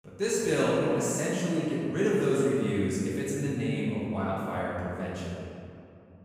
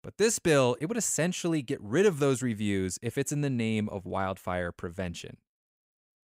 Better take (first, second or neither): second